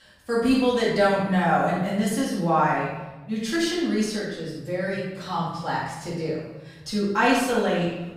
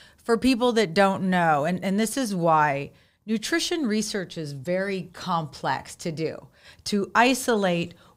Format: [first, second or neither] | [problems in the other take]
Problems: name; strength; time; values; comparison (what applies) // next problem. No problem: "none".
second | off-mic speech; far // room echo; noticeable; dies away in 1 s